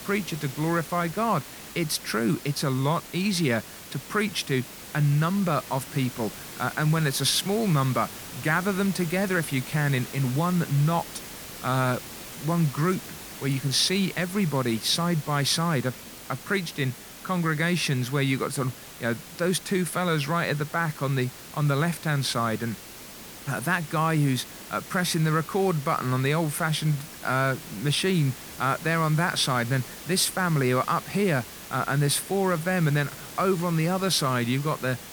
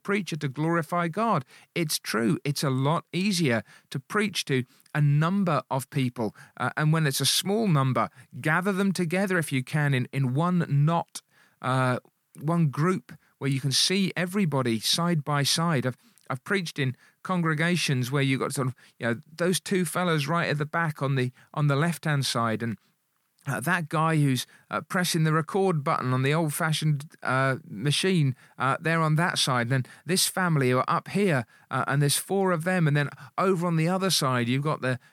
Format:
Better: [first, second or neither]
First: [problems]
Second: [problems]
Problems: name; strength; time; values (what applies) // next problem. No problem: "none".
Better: second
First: hiss; noticeable; throughout; 15 dB below the speech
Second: none